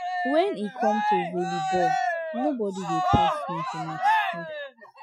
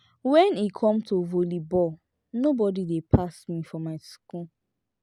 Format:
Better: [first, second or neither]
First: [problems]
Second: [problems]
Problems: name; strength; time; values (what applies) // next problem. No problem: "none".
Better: second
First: noise reduction (classical method Wiener filter)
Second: none